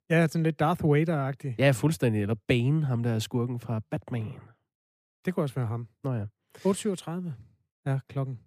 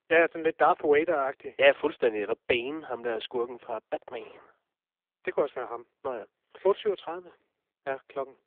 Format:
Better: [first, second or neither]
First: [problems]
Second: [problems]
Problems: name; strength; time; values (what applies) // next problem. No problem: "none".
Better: first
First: none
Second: phone-call audio; poor line